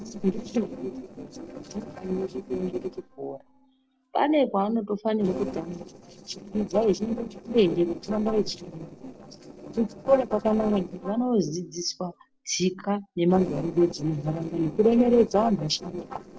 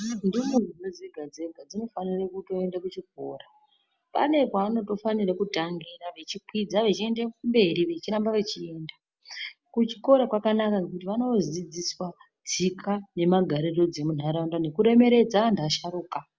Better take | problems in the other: second | noise reduction (neural separator model SepFormer DNS4)

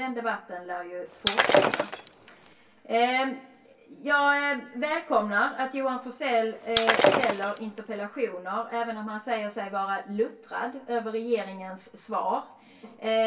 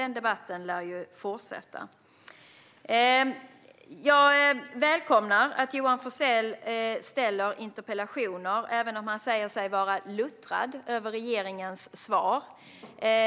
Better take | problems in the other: second | background sound (Shatter); 3 dB above the speech // room echo; dies away in 0.2 s

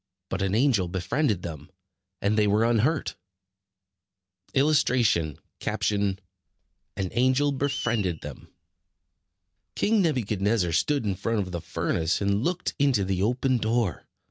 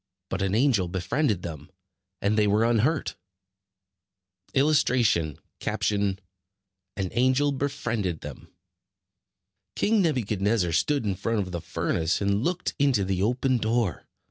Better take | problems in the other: second | background sound (Screech); 16 dB below the speech

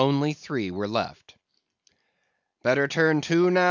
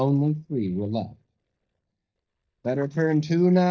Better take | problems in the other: first | noise reduction (neural mask model DeepFilterNet 3)

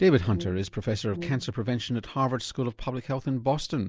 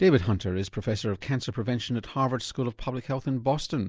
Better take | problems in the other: second | background sound (Brass instrument); 13 dB below the speech

